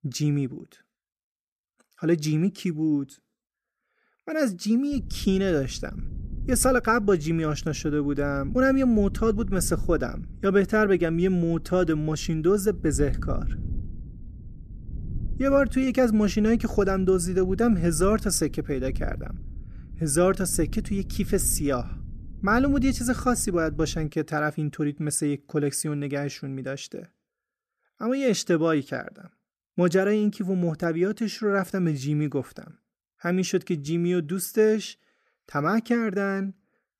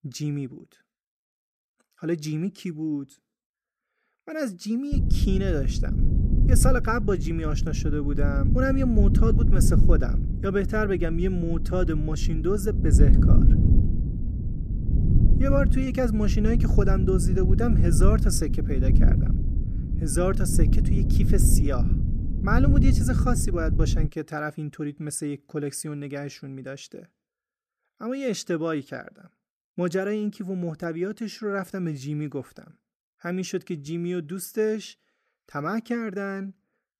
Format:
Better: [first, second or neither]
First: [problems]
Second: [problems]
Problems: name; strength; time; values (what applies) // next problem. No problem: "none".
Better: first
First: low rumble; faint; from 5 to 24 s; 25 dB below the speech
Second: low rumble; loud; from 5 to 24 s; 6 dB below the speech